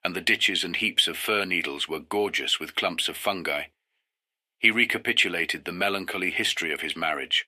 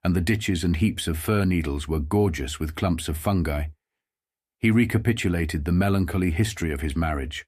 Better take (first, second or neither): second